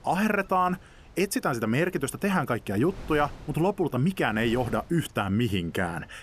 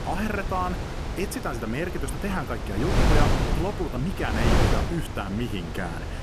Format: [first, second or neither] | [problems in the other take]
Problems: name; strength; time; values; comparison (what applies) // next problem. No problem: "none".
first | wind noise on the microphone; heavy; as loud as the speech; occasional gusts in the first